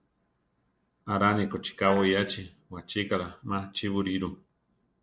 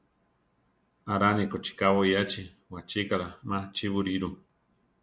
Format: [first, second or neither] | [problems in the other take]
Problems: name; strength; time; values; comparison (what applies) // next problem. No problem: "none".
second | noise reduction (neural separator model SepFormer DNS4)